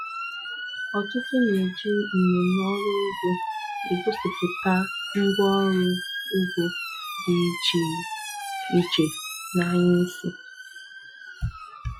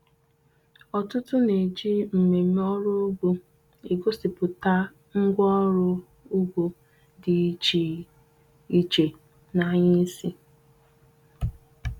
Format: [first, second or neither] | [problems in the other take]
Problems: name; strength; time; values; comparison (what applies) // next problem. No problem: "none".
second | noise reduction (classical method Wiener filter)